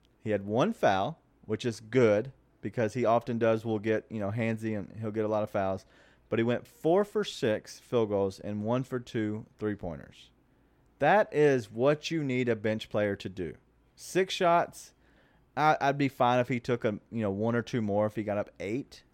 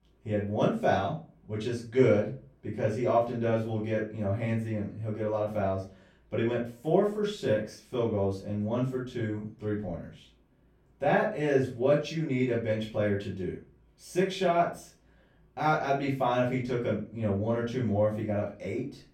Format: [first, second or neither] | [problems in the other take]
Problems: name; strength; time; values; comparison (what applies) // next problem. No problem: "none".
first | off-mic speech; far // room echo; slight; dies away in 0.3 s